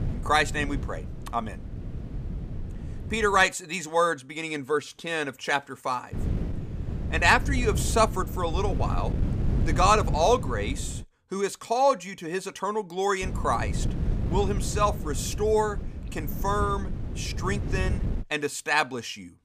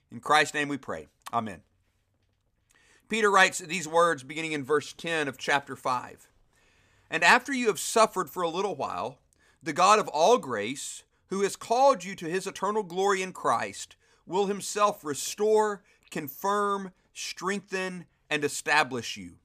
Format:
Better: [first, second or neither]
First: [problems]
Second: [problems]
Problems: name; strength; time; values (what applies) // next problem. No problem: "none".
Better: second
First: wind noise on the microphone; occasional gusts; until 3.5 s, from 6 to 11 s and from 13 to 18 s; 15 dB below the speech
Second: none